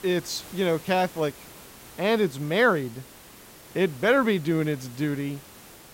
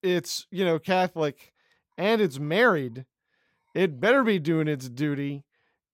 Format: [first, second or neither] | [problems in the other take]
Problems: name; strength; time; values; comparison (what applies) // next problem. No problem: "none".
second | hiss; noticeable; throughout; 20 dB below the speech